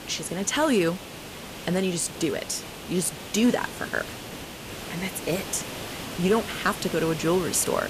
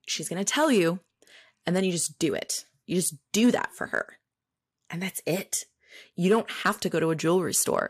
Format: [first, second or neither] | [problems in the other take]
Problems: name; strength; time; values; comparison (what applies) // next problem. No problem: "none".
second | hiss; loud; throughout; 10 dB below the speech